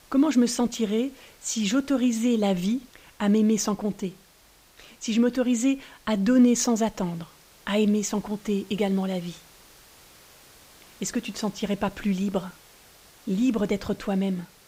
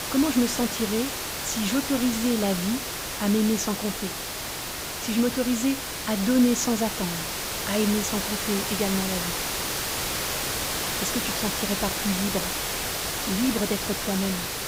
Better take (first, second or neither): first